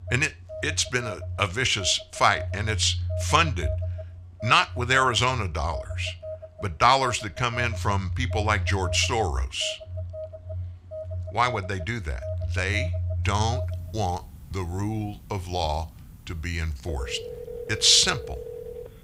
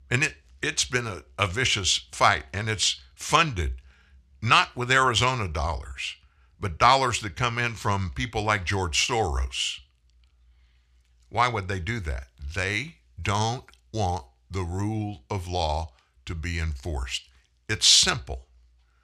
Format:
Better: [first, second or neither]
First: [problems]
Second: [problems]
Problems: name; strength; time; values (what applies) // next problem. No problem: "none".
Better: second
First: alarms or sirens; loud; throughout; 9 dB below the speech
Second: none